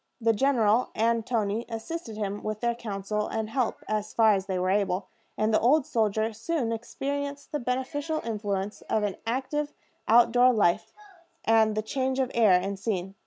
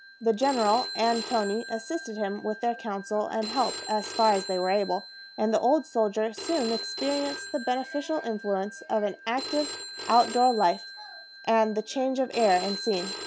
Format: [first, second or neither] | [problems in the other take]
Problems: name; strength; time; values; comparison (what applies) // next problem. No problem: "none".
first | background sound (Telephone); 11 dB below the speech